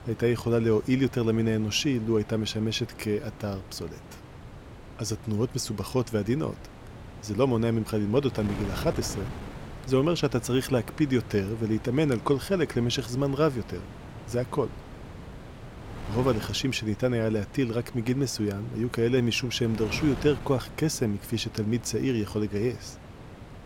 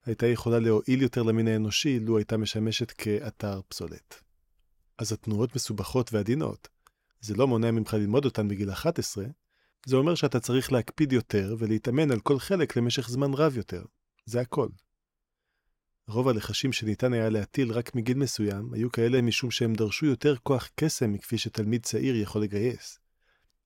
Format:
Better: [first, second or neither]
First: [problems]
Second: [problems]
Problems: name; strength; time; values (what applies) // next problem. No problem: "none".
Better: second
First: wind noise on the microphone; occasional gusts; 15 dB below the speech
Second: none